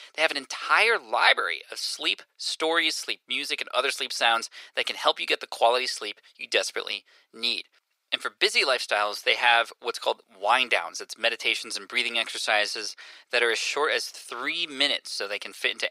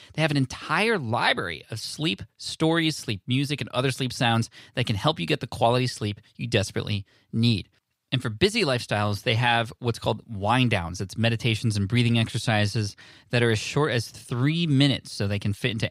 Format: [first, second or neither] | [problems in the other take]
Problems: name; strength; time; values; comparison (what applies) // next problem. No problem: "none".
second | thin; very; fading below 450 Hz